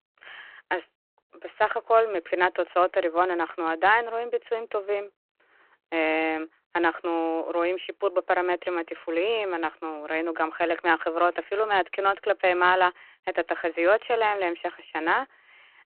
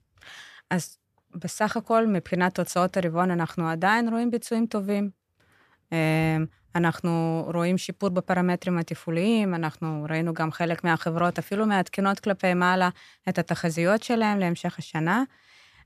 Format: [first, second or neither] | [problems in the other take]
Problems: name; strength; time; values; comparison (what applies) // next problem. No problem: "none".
second | phone-call audio; nothing above 4 kHz